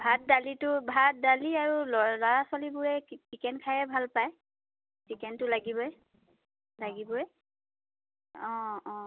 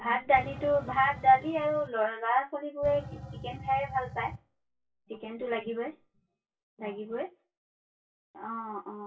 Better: first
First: none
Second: noise reduction (classical method WPE with log-MMSE)

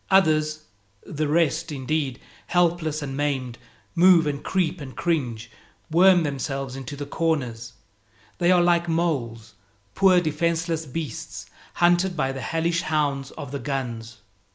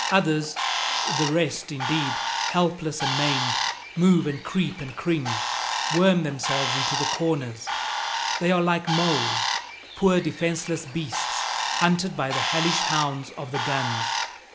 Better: first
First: none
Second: background sound (Bird); 3 dB below the speech

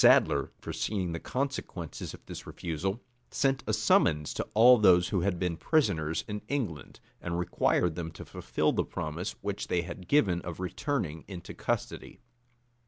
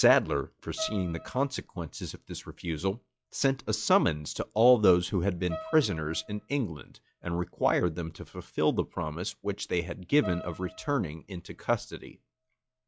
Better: first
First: none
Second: noise reduction (classical method log-MMSE)

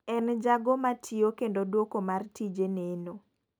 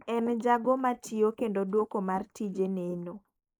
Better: first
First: none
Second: noise reduction (neural mask model Resemble Enhance denoiser)

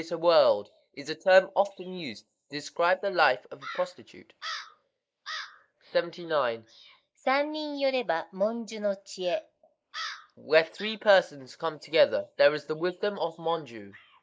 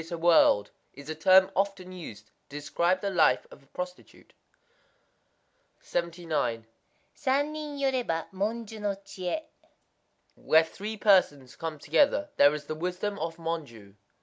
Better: second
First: noise reduction (neural mask model Resemble Enhance denoiser)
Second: none

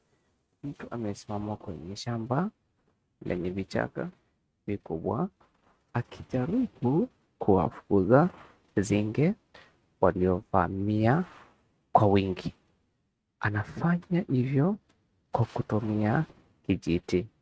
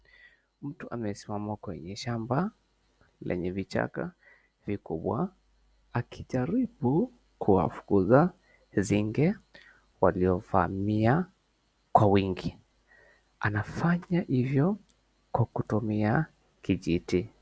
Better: second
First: noise reduction (neural mask model RNNoise)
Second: none

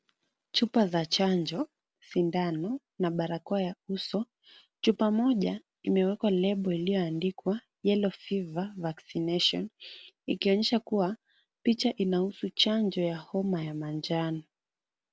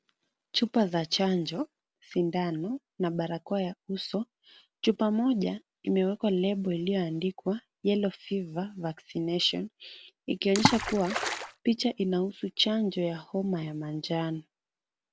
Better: first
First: none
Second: background sound (Water / Splash, splatter); as loud as the speech

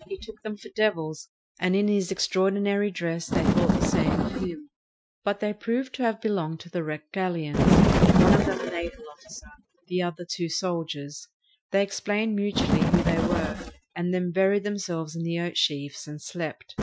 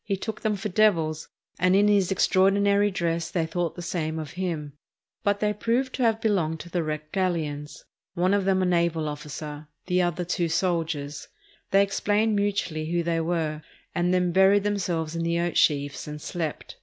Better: second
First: noise reduction (classical method Wiener filter)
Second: none

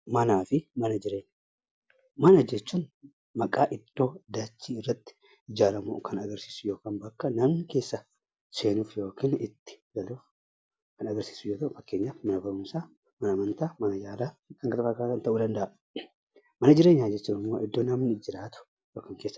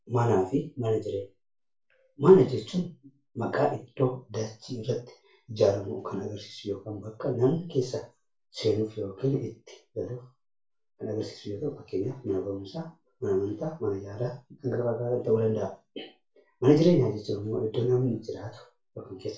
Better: first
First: none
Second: room echo; dies away in 0.3 s

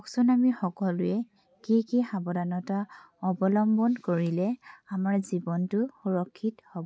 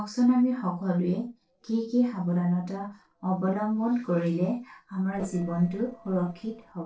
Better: first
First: none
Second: noise reduction (neural separator model SepFormer DNS4)

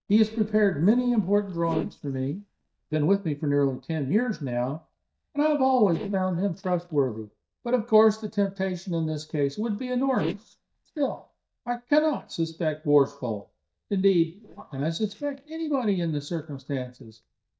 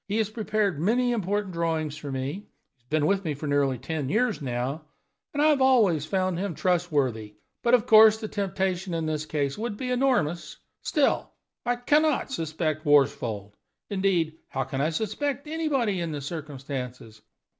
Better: second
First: noise reduction (neural mask model DeepFilterNet 3)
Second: none

